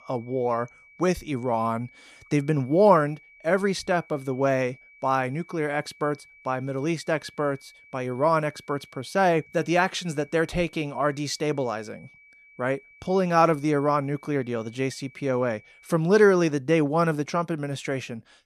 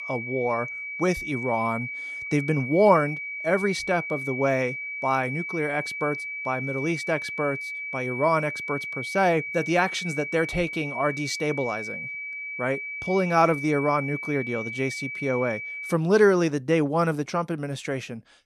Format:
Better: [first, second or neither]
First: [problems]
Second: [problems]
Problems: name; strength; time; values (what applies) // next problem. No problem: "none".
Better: first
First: high-pitched whine; faint; until 16 s; 2.5 kHz, 25 dB below the speech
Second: high-pitched whine; loud; until 16 s; 2.5 kHz, 6 dB below the speech